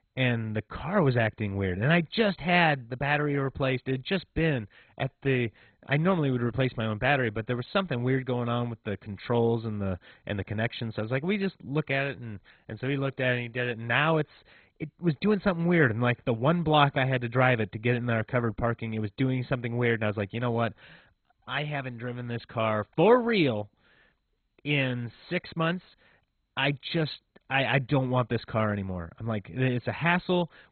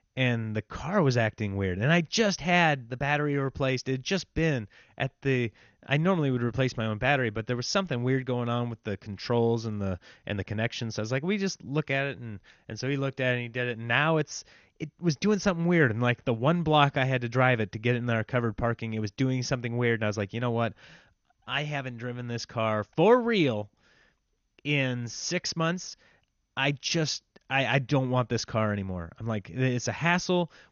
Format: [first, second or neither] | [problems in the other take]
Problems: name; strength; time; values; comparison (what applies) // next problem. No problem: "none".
second | garbled, watery; badly; nothing above 4 kHz; slightly in the second